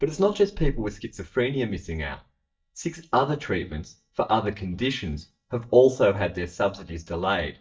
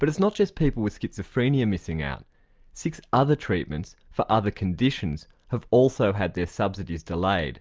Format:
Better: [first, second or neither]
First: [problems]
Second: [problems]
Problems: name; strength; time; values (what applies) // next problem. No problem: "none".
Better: second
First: noise reduction (neural mask model DeepFilterNet 3)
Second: none